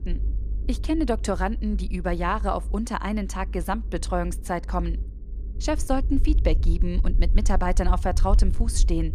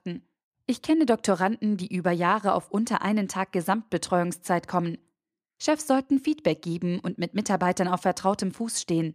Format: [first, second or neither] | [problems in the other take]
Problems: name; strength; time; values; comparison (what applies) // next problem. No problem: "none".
second | low rumble; noticeable; throughout; 20 dB below the speech